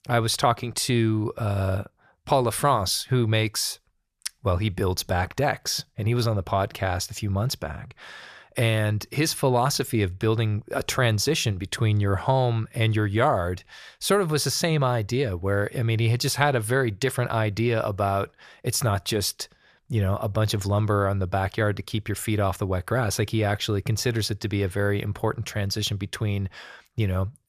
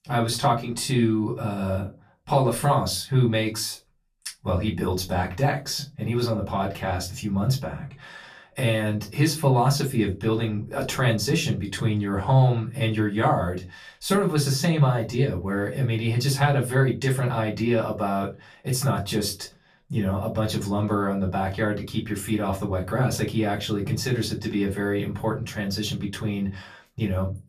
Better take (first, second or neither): first